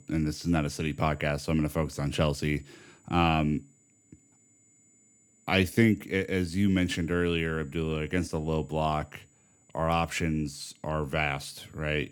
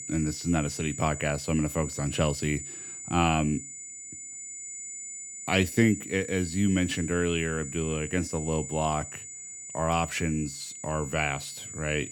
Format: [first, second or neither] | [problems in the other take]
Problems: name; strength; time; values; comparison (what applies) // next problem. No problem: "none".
first | high-pitched whine; loud; throughout; 7 kHz, 9 dB below the speech; faint in the first